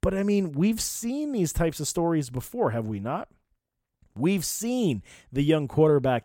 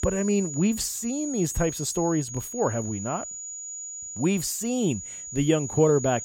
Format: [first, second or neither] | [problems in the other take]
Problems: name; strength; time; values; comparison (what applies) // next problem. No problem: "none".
first | high-pitched whine; loud; throughout; 7 kHz, 8 dB below the speech